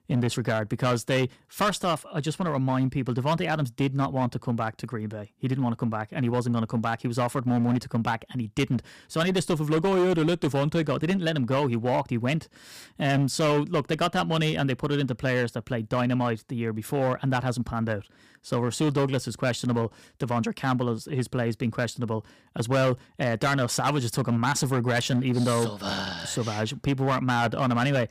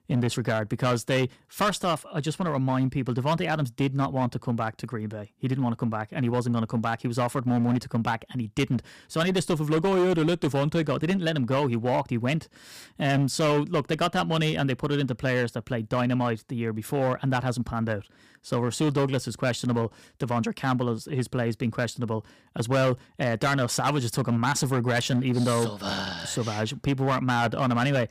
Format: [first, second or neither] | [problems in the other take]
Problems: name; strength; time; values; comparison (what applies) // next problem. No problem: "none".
neither | distortion; slight; 10% of the sound clipped; the same in both